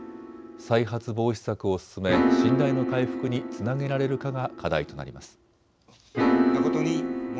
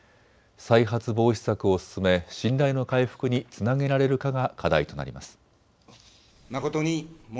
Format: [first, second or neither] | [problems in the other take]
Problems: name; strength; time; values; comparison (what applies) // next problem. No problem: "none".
second | background sound (Piano); 1 dB above the speech